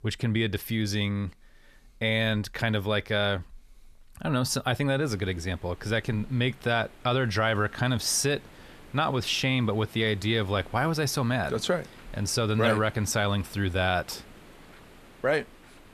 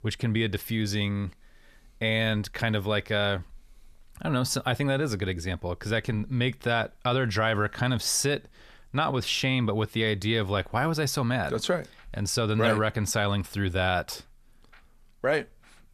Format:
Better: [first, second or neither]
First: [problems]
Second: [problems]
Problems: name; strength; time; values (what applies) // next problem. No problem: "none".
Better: second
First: hiss; faint; from 5 s on; 25 dB below the speech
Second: none